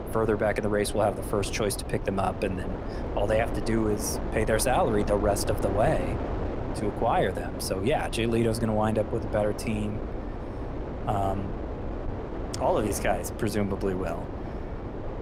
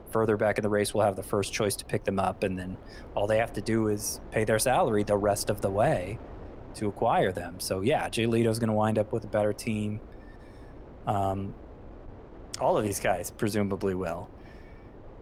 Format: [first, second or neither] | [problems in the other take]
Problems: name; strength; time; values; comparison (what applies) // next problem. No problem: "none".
second | wind noise on the microphone; heavy; 9 dB below the speech; occasional gusts in the second